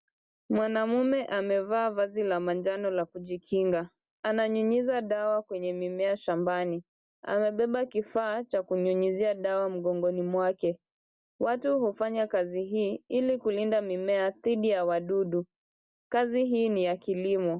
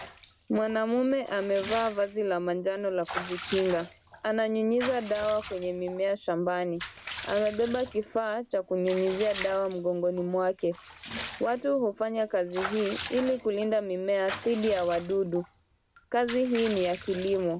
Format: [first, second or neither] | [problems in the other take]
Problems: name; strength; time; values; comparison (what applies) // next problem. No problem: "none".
first | background sound (Bathtub (filling or washing) / Water / Liquid); 14 dB below the speech